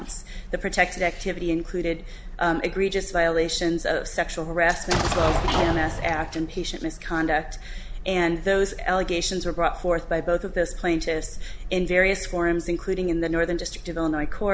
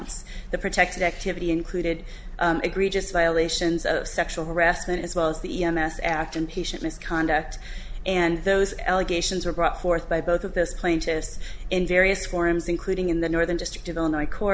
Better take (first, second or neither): second